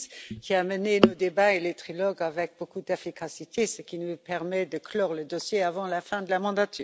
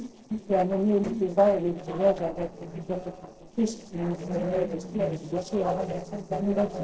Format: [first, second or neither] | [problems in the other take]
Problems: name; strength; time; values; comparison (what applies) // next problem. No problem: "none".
first | noise reduction (neural separator model SepFormer DNS4)